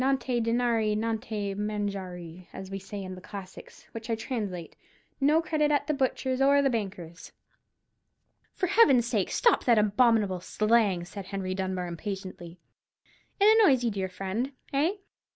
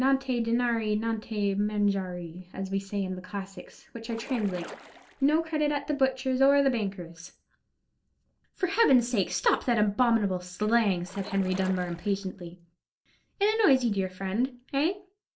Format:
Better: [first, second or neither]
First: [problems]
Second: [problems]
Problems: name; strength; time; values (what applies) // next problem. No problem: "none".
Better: first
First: none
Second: noise reduction (neural separator model SepFormer DNS4)